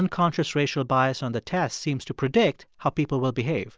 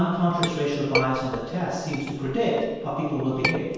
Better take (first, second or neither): first